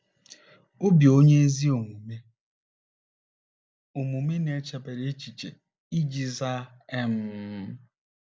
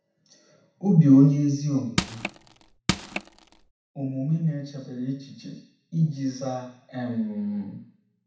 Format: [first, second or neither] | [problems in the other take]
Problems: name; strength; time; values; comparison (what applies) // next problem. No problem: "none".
first | background sound (Crushing); 6 dB below the speech // room echo; dies away in 0.7 s